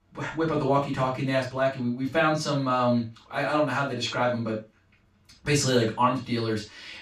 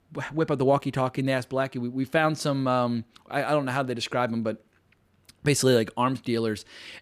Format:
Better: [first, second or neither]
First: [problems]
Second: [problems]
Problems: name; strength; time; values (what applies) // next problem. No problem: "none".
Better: second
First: room echo; noticeable; dies away in 0.2 s // off-mic speech; far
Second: none